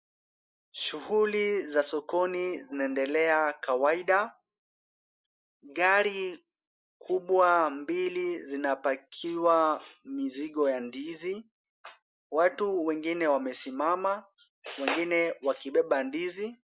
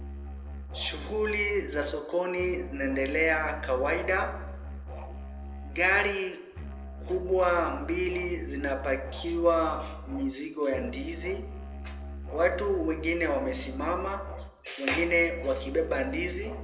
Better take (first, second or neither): first